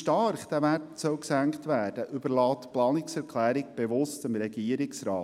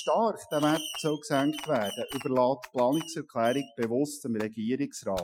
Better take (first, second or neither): first